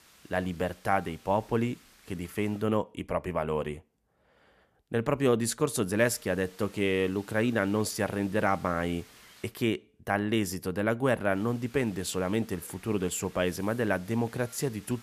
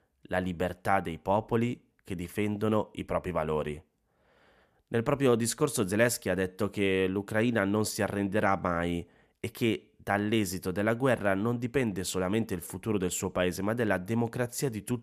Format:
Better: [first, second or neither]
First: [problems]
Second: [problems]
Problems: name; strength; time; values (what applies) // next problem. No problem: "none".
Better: second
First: hiss; faint; until 2.5 s, from 6 to 9.5 s and from 11 s on; 25 dB below the speech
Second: none